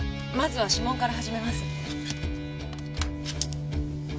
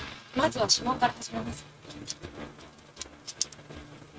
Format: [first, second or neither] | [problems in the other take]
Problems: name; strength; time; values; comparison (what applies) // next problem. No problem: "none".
first | noise reduction (neural mask model RNNoise)